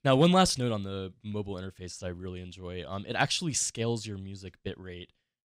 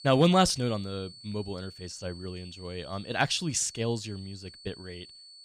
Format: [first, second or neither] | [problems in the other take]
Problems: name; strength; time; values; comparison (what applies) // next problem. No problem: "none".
first | high-pitched whine; noticeable; throughout; 4.5 kHz, 20 dB below the speech